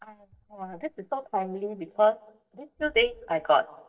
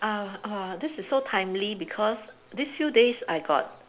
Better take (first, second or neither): second